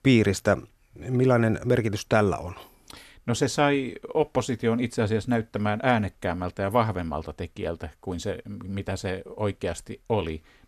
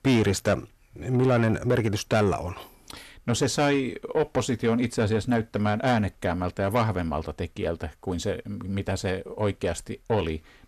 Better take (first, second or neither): first